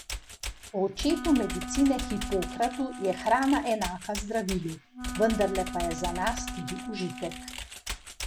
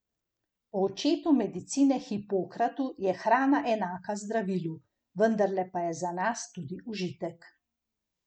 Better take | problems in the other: second | background sound (Computer keyboard + Wind instrument, woodwind instrument); 7 dB below the speech

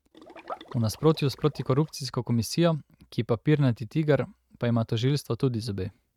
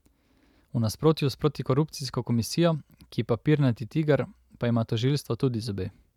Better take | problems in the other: second | noise reduction (neural mask model RNNoise)

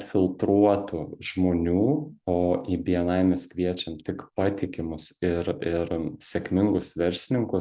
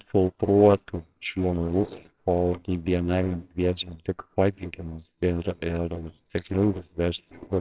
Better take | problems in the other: first | noise reduction (neural separator model SepFormer WHAMR!)

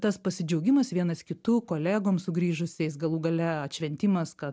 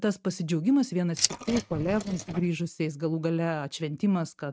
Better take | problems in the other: first | noise reduction (neural mask model RNNoise)

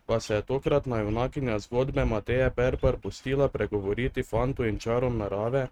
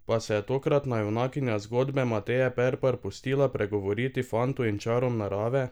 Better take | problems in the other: second | noise reduction (neural mask model RNNoise)

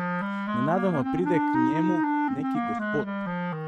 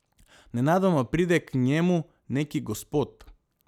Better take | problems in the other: second | noise reduction (neural mask model RNNoise)

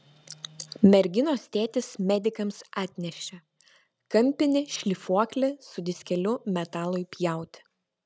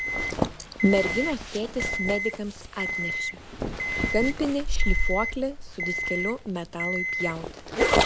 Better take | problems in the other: first | background sound (Zipper (clothing) + Alarm); 2 dB above the speech

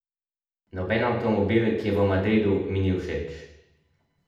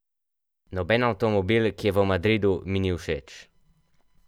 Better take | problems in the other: second | room echo; dies away in 0.8 s

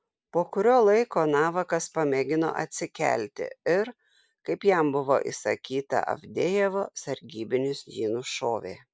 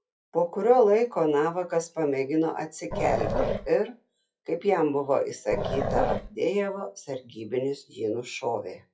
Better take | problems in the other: first | noise reduction (classical method WPE with log-MMSE)

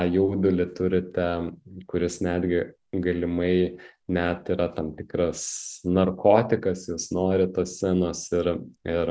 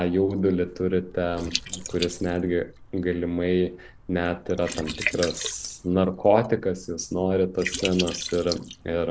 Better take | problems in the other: first | background sound (Liquid); 11 dB below the speech

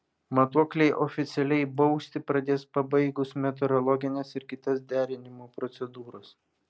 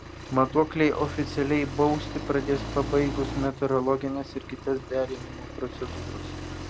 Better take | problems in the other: first | background sound (Accelerating, revving, vroom); 9 dB below the speech

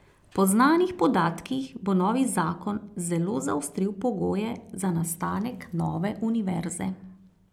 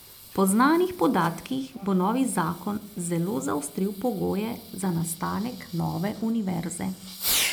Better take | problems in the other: first | background sound (Fireworks); 10 dB below the speech

